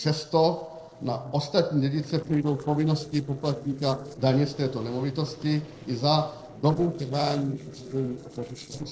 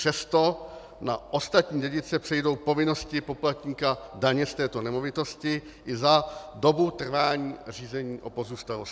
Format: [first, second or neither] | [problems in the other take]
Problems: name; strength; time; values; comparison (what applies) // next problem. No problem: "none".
second | noise reduction (neural separator model SepFormer DNS4)